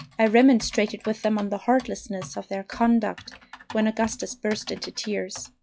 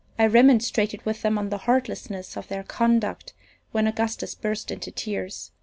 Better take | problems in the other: second | noise reduction (classical method log-MMSE)

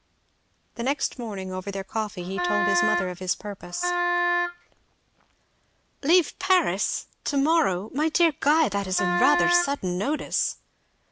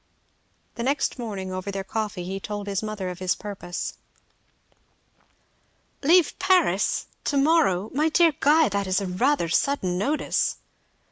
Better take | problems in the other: second | background sound (Wind instrument, woodwind instrument); as loud as the speech

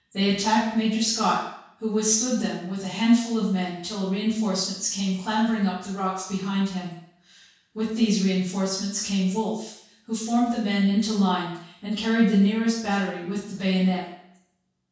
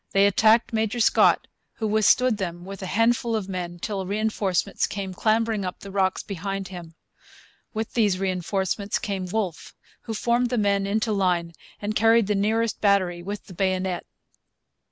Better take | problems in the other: second | room echo; dies away in 0.6 s

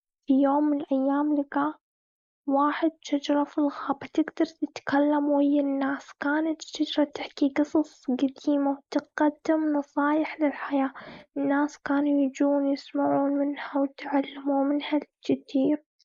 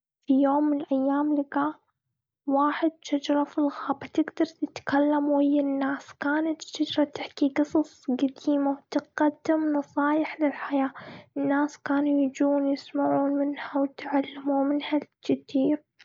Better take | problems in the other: second | noise reduction (neural mask model Resemble Enhance denoiser)

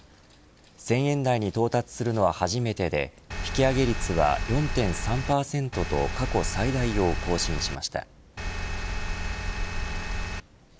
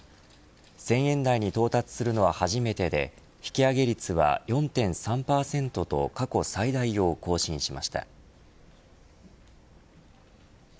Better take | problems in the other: second | background sound (Engine); 2 dB below the speech

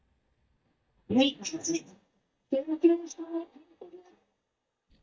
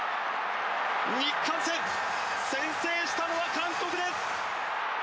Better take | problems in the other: second | noise reduction (neural mask model DeepFilterNet 3)

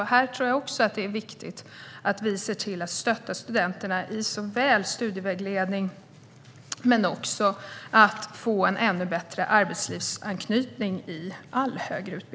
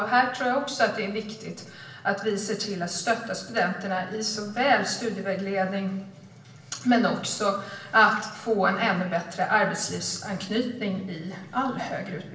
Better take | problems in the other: first | room echo; dies away in 0.7 s

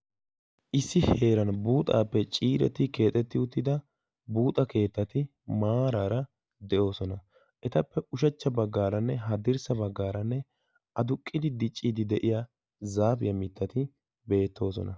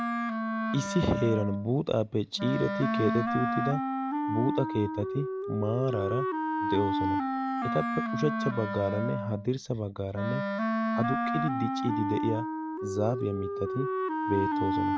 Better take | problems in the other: first | background sound (Wind instrument, woodwind instrument); as loud as the speech

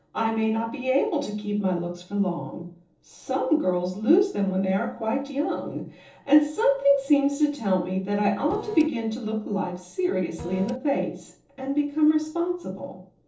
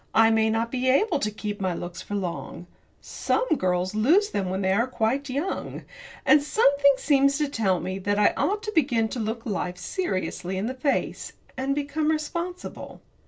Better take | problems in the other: second | noise reduction (neural separator model SepFormer DNS4)

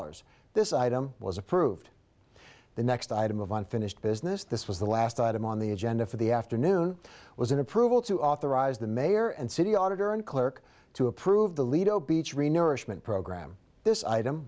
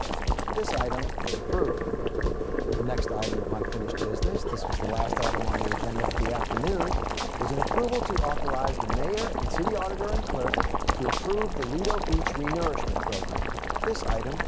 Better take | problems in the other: first | background sound (Drum / Drum kit + Boiling); 5 dB above the speech

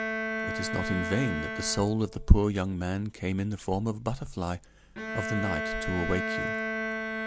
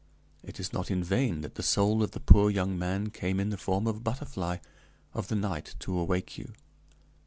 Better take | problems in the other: second | background sound (Bowed string instrument); 5 dB below the speech

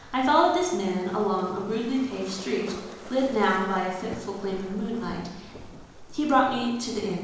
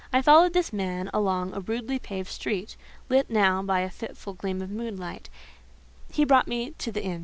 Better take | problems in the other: second | background sound (Waves, surf); 17 dB below the speech // room echo; dies away in 1 s

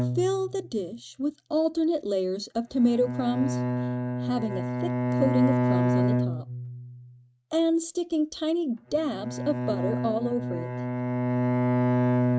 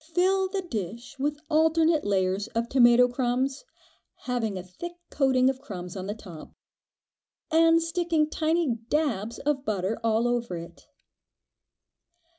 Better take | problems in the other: second | noise reduction (neural mask model RNNoise)

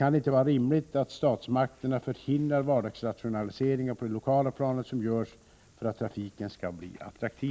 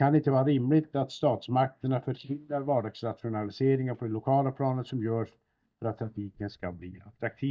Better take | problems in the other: first | noise reduction (neural mask model DeepFilterNet 3)

